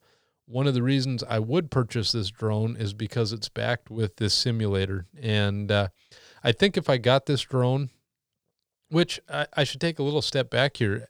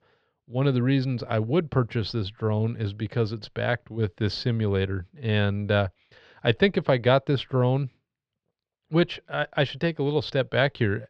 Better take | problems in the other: first | muffled; slightly; fading above 3 kHz

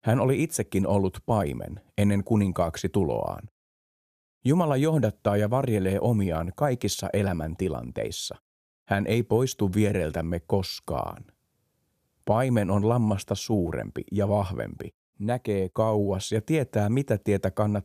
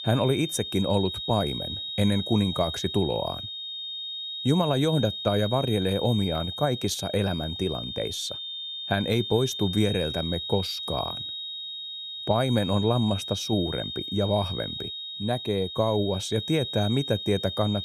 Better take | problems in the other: first | high-pitched whine; loud; throughout; 4 kHz, 6 dB below the speech

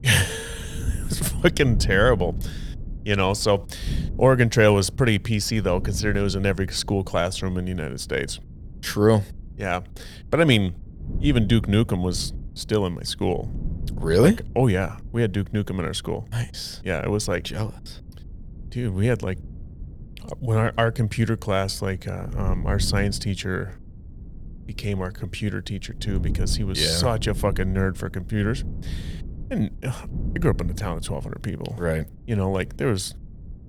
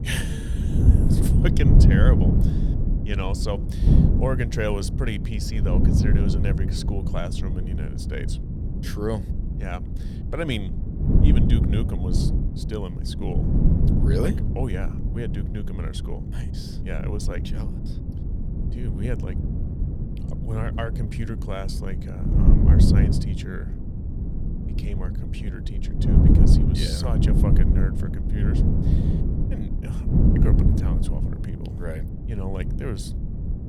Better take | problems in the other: first | wind noise on the microphone; heavy; as loud as the speech; occasional gusts in the first

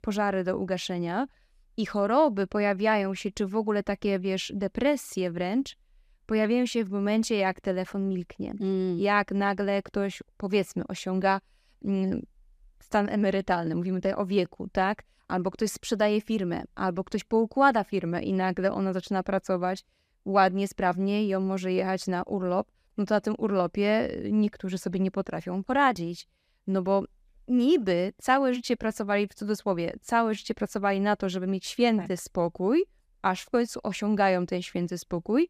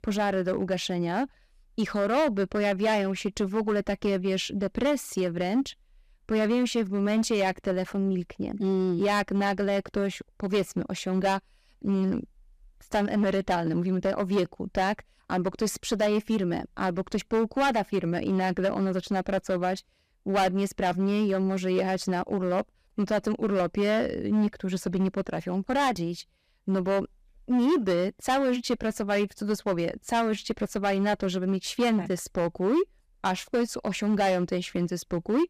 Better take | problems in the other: first | distortion; slight; 8% of the sound clipped

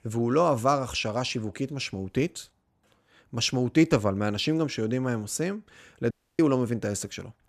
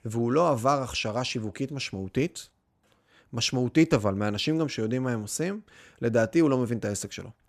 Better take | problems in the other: second | audio cutting out; at 6 s

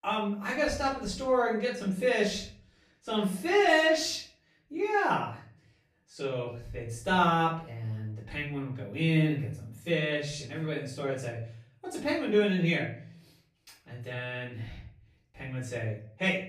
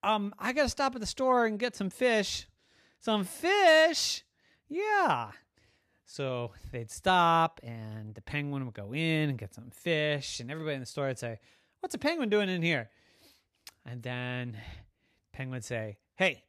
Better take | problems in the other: second | off-mic speech; far // room echo; noticeable; dies away in 0.5 s

